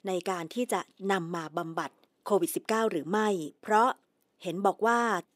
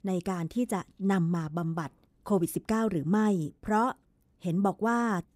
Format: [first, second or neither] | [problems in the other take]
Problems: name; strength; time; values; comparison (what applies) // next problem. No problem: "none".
second | thin; somewhat; fading below 400 Hz